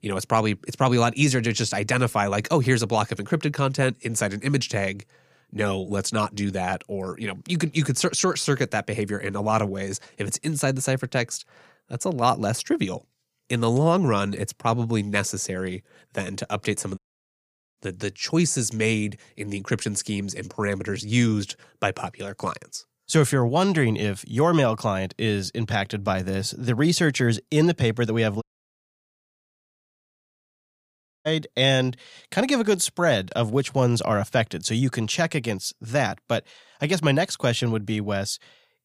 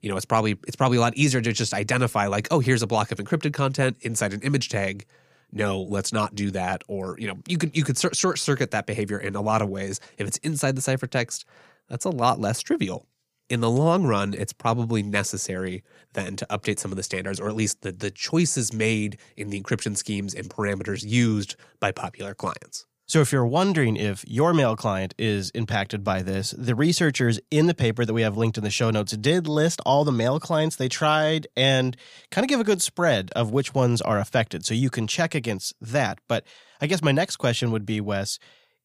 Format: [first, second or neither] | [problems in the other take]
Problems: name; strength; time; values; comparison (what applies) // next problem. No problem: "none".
second | audio cutting out; at 17 s for 1 s and at 28 s for 3 s